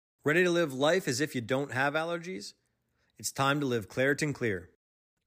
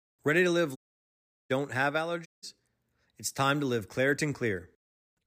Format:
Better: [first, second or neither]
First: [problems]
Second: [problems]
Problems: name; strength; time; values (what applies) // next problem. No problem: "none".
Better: first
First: none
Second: audio cutting out; at 1 s for 0.5 s and at 2.5 s